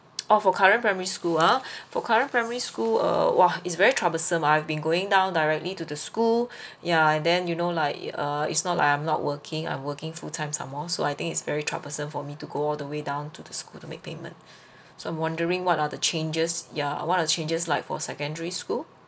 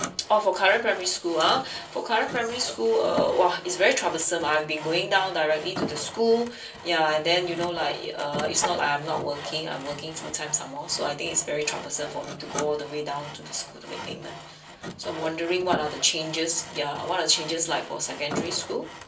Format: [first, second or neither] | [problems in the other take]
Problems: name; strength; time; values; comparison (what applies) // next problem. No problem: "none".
first | background sound (Sawing); 12 dB below the speech // room echo; dies away in 0.3 s